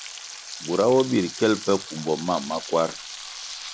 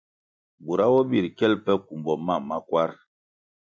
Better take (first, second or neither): second